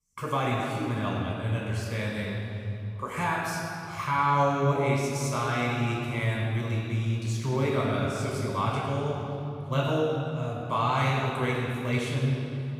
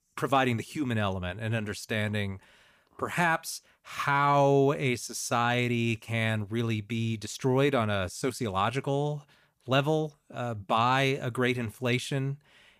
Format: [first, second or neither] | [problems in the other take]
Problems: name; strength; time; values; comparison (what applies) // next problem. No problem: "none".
second | off-mic speech; far // room echo; noticeable; dies away in 2.7 s